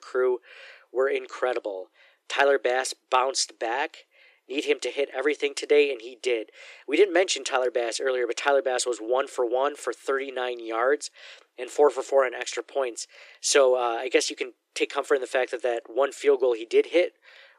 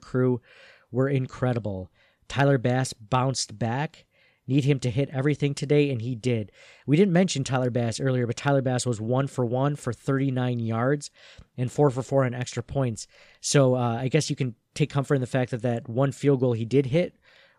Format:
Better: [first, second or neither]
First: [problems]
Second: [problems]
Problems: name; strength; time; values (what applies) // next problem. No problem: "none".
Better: second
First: thin; very; fading below 300 Hz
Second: none